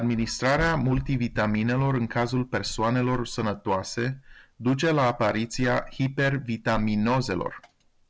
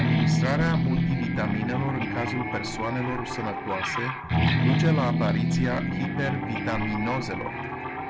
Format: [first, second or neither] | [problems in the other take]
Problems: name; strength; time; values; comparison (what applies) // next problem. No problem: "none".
first | background sound (Guitar); 4 dB above the speech